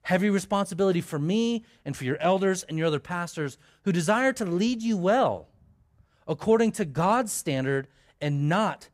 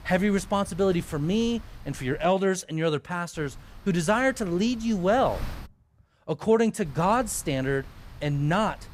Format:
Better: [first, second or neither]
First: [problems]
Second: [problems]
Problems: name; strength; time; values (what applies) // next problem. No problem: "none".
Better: first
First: none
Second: wind noise on the microphone; occasional gusts; until 2.5 s, from 3.5 to 5.5 s and from 7 s on; 25 dB below the speech